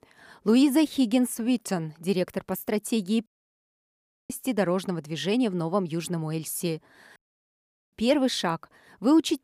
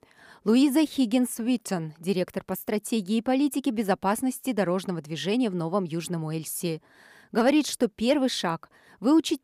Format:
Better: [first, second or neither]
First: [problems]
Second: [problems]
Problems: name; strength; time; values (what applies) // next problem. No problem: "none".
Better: second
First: audio cutting out; at 3.5 s for 1 s and at 7 s for 1 s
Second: none